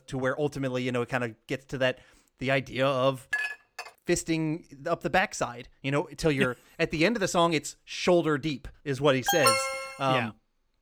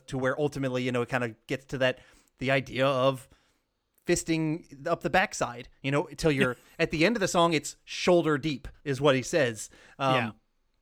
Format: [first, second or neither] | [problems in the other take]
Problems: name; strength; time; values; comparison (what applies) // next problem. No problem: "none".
second | clattering dishes; noticeable; at 3.5 s; peak 2 dB below the speech // alarm; loud; at 9.5 s; peak 5 dB above the speech